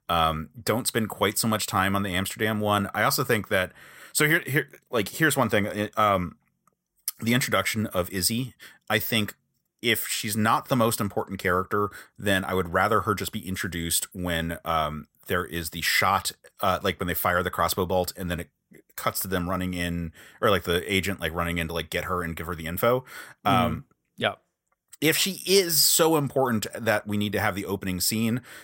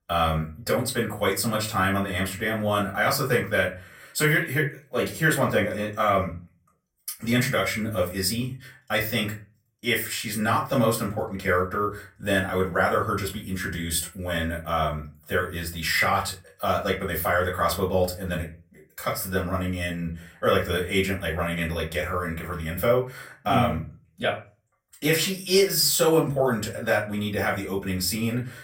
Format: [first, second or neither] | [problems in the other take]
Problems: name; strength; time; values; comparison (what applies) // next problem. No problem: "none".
first | off-mic speech; far // room echo; very slight; dies away in 0.3 s